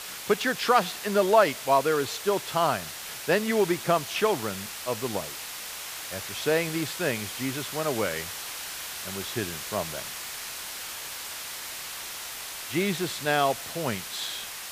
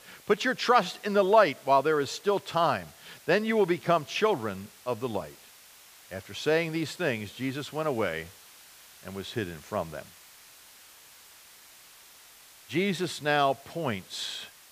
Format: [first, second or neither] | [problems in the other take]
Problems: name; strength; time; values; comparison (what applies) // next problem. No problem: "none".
second | hiss; loud; throughout; 8 dB below the speech; faint in the second